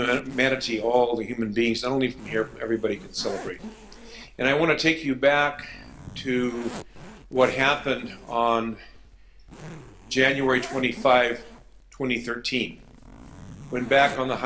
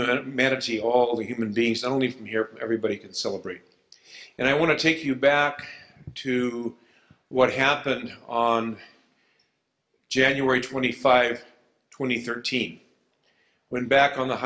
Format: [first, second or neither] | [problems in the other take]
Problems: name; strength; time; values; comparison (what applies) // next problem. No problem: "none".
second | background sound (Zipper (clothing)); 17 dB below the speech